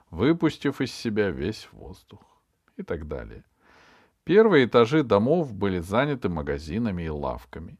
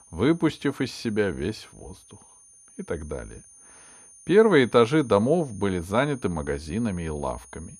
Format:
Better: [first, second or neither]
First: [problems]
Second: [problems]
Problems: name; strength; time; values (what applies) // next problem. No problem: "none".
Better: first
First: none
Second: high-pitched whine; faint; throughout; 9.5 kHz, 25 dB below the speech